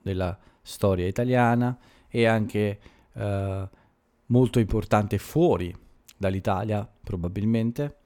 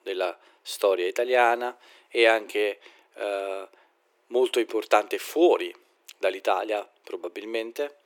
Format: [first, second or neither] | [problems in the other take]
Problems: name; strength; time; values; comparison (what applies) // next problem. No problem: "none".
first | thin; very; fading below 350 Hz